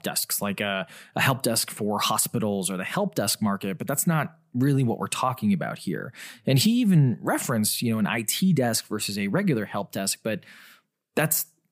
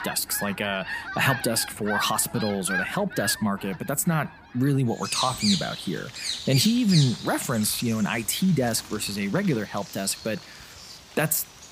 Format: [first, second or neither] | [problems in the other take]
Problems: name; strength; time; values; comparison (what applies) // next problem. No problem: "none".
first | animal sounds; loud; throughout; 7 dB below the speech